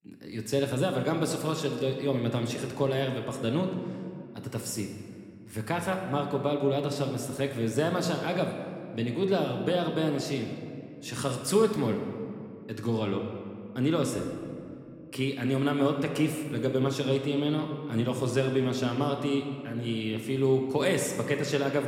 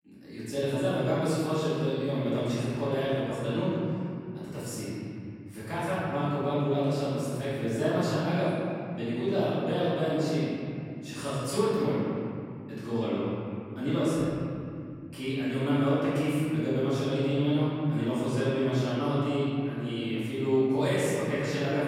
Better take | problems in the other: first | room echo; strong; dies away in 2.8 s; slight in the first // off-mic speech; far

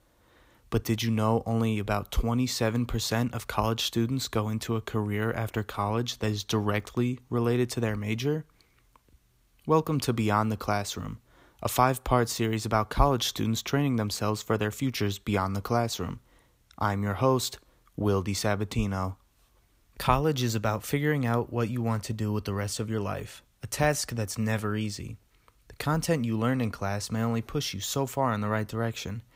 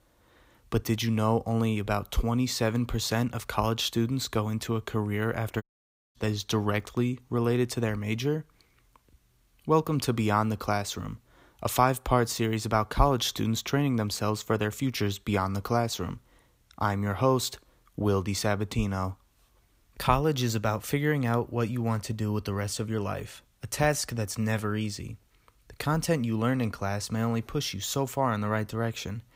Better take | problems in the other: first | audio cutting out; at 5.5 s for 0.5 s

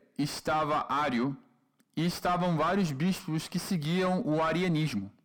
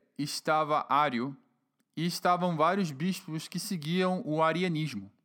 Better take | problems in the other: second | distortion; heavy; 6 dB below the speech

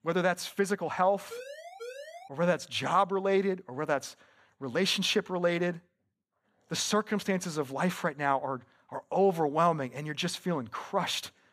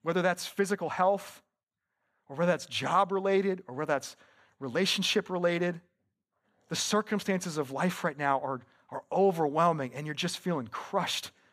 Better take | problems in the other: second | siren; faint; at 1.5 s; peak 15 dB below the speech

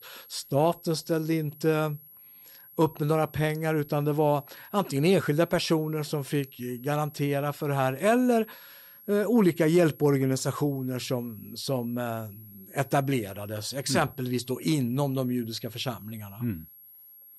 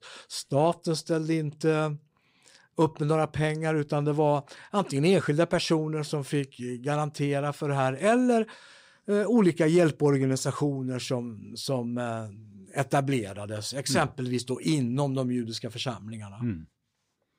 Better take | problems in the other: second | high-pitched whine; faint; throughout; 11.5 kHz, 20 dB below the speech

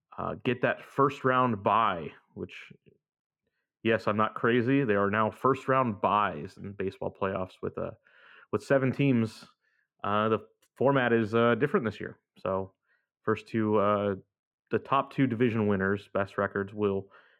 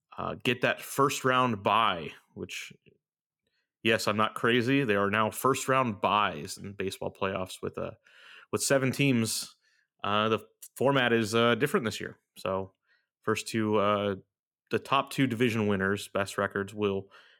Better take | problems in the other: second | muffled; very; fading above 3.5 kHz

